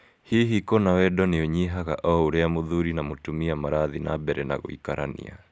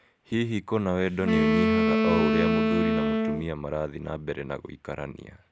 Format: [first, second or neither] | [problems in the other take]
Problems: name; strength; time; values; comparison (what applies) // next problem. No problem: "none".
first | background sound (Wind instrument, woodwind instrument); 5 dB above the speech